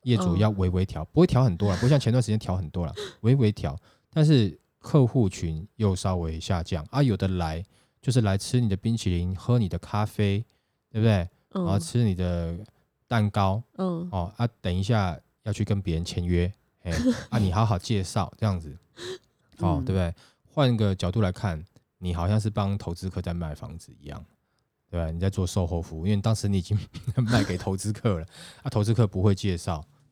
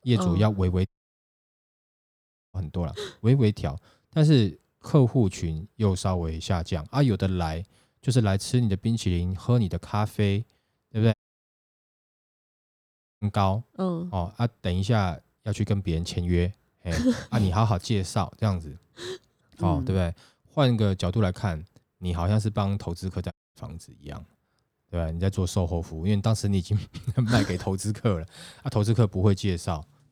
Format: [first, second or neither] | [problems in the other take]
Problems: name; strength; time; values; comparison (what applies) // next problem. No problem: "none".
first | audio cutting out; at 1 s for 1.5 s, at 11 s for 2 s and at 23 s